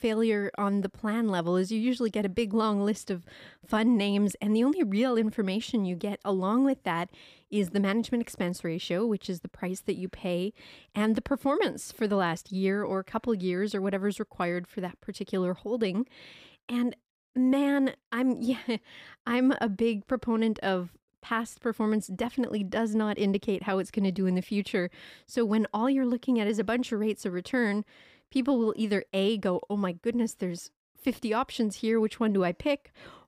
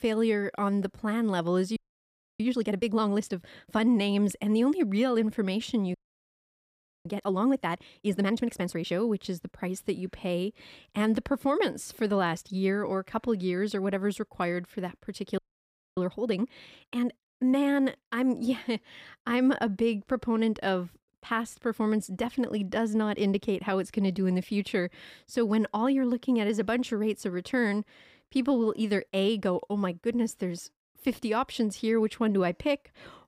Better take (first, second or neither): first